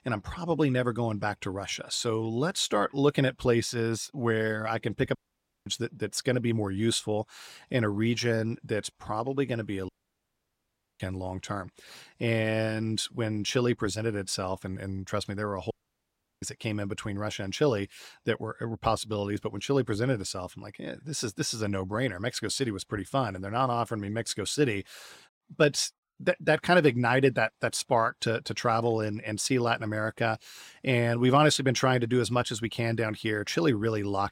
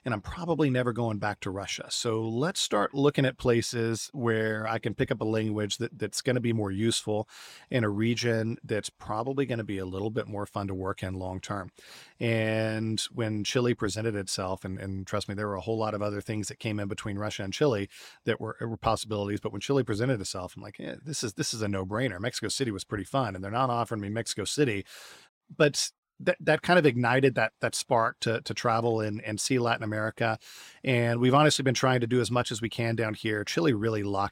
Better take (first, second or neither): second